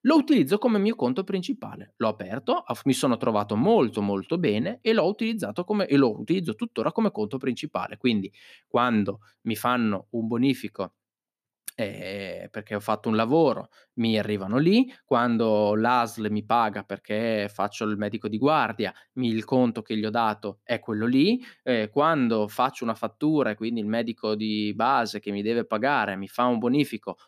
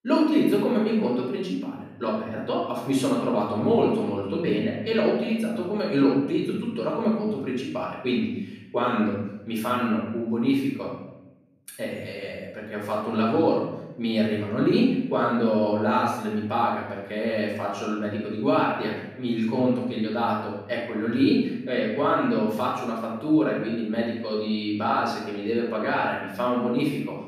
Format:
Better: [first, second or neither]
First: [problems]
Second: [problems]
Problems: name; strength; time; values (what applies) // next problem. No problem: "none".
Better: first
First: none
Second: off-mic speech; far // room echo; noticeable; dies away in 0.9 s